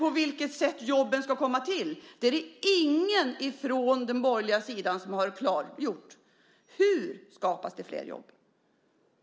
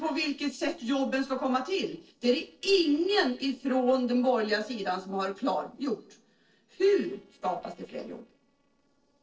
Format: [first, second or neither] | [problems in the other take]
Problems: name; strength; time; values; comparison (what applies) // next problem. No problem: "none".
first | noise reduction (neural separator model SepFormer DNS4)